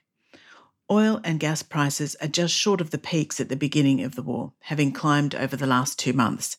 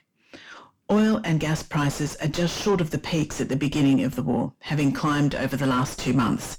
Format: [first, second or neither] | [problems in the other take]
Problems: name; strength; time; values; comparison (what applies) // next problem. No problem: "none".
first | distortion; heavy; 4 dB below the speech